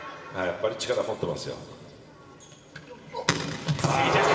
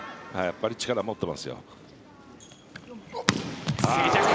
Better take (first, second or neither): second